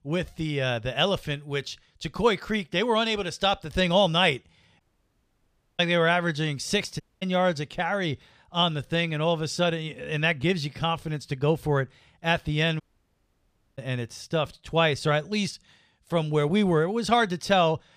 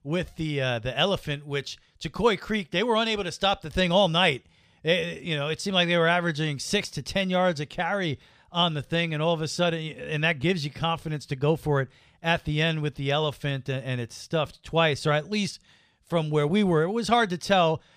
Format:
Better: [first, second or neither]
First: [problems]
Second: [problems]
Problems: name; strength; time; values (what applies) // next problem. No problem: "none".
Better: second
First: audio cutting out; at 5 s for 1 s, at 7 s and at 13 s for 1 s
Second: none